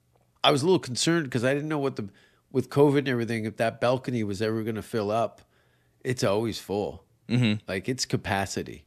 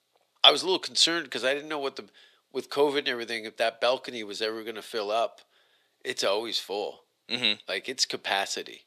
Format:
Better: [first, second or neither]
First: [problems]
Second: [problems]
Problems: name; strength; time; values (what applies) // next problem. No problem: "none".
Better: first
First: none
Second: thin; somewhat; fading below 500 Hz